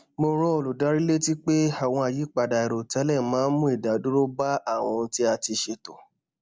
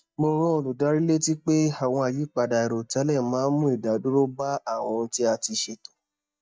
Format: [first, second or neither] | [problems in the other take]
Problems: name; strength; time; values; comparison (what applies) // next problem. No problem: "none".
first | noise reduction (neural mask model DeepFilterNet 3)